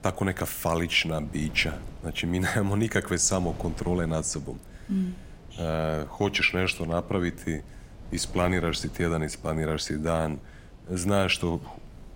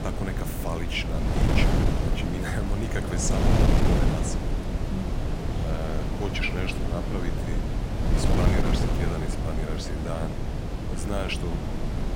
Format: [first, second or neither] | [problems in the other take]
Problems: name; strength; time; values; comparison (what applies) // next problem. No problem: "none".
first | wind noise on the microphone; heavy; 1 dB above the speech; occasional gusts in the first